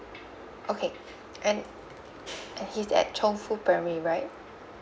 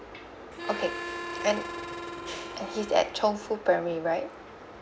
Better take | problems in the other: first | background sound (Harmonica); 8 dB below the speech

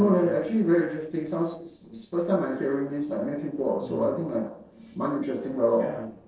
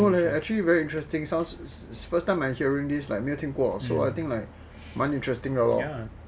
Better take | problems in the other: second | noise reduction (neural separator model SepFormer DNS4)

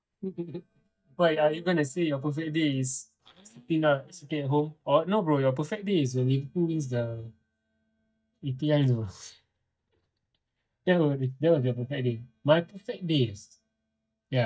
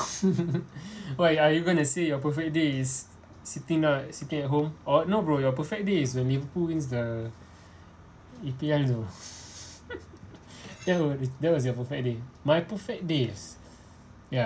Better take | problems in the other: second | noise reduction (neural mask model DeepFilterNet 3)

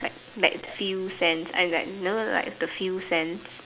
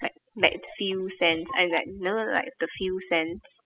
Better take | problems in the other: first | noise reduction (classical method spectral subtraction)

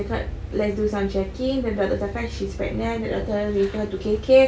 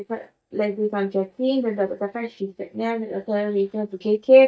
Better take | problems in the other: first | noise reduction (neural mask model DeepFilterNet 3)

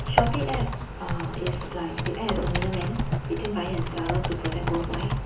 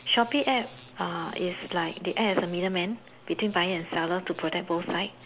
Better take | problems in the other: second | background sound (Typing); 3 dB above the speech // room echo; dies away in 0.8 s

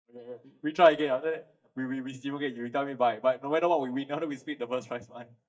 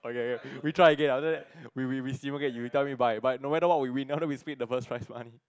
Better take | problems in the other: second | noise reduction (neural mask model DeepFilterNet 3)

